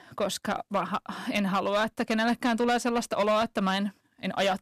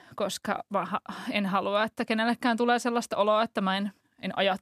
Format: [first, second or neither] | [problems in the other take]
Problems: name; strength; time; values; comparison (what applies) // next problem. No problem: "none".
second | distortion; slight; 6% of the sound clipped